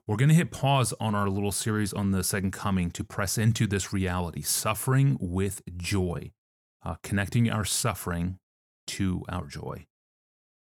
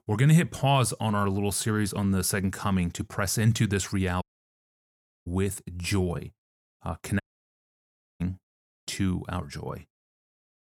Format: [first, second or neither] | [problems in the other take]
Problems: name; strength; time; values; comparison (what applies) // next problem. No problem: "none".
first | audio cutting out; at 4 s for 1 s and at 7 s for 1 s